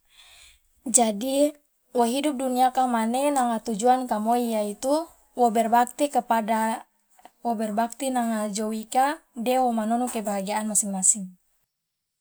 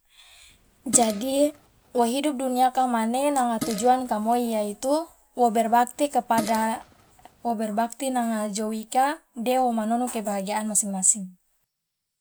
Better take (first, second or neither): first